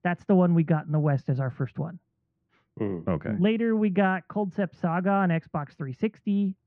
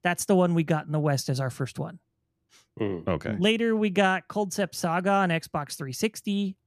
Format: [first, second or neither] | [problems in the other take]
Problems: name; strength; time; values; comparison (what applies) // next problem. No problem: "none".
second | muffled; very; fading above 2 kHz